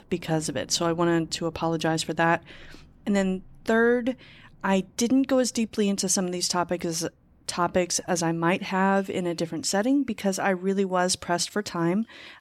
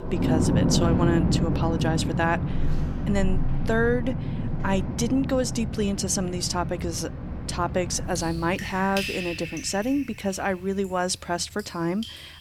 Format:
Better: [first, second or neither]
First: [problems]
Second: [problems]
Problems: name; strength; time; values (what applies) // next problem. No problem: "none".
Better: first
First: rain or running water; faint; throughout; 30 dB below the speech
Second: rain or running water; loud; throughout; 1 dB below the speech